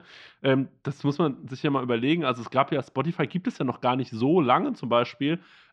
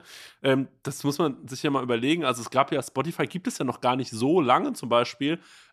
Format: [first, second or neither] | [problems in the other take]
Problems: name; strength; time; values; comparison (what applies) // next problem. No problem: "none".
second | muffled; slightly; fading above 4 kHz